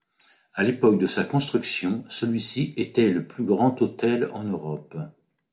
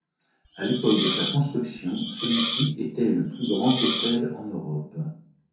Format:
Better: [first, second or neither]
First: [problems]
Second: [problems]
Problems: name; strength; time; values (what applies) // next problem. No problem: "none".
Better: first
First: none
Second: background sound (Hiss); 4 dB below the speech // room echo; dies away in 0.6 s